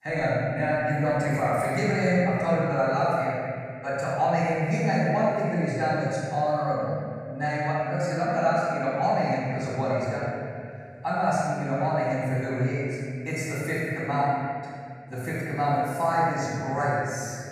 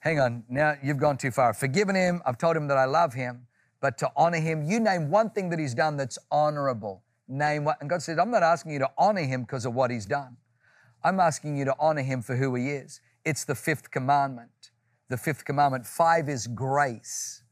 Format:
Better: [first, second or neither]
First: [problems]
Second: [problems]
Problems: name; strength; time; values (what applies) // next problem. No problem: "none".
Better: second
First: room echo; strong; dies away in 2.6 s // off-mic speech; far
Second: none